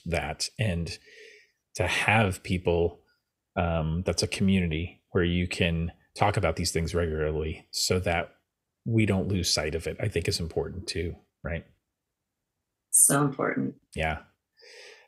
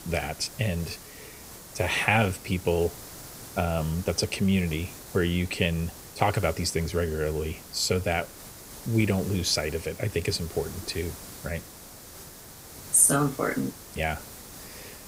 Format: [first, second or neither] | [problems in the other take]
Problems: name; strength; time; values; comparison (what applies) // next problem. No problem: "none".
first | hiss; noticeable; throughout; 15 dB below the speech